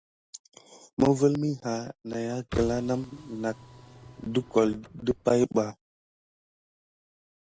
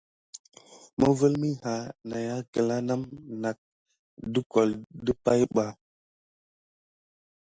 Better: second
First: background sound (Car); 13 dB below the speech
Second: none

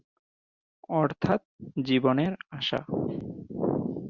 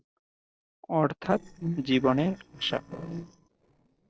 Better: first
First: none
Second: noise reduction (neural separator model SepFormer DNS4)

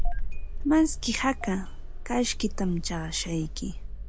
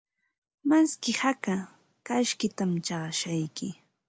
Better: second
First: background sound (Engine starting); 1 dB below the speech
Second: none

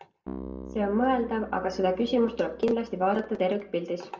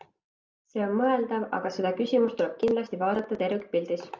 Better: second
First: background sound (Keyboard (musical)); 16 dB below the speech // room echo; dies away in 0.6 s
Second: none

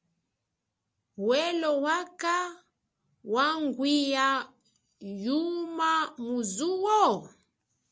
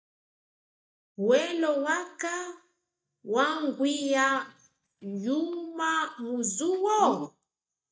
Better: first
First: none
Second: noise reduction (neural mask model DeepFilterNet 3)

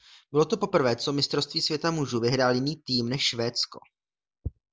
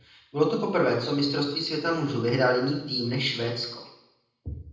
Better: first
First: none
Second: room echo; dies away in 0.8 s

